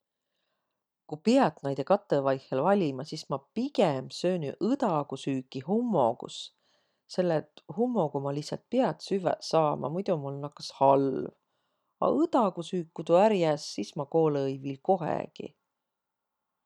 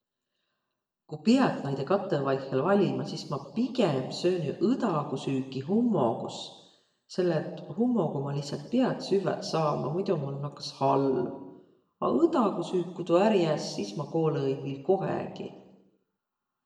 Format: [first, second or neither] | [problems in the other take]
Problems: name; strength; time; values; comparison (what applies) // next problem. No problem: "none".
first | room echo; dies away in 0.9 s